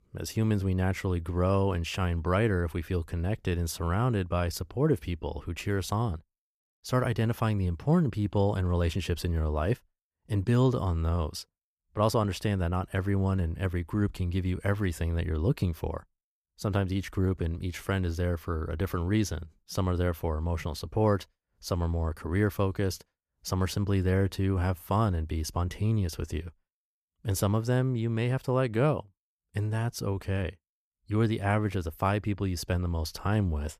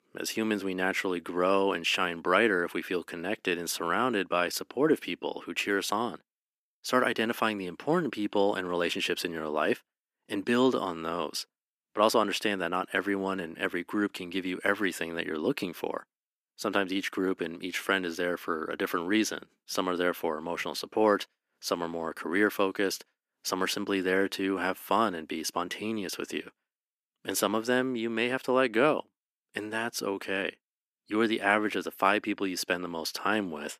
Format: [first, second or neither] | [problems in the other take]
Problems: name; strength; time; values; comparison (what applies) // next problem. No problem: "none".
first | thin; somewhat; fading below 250 Hz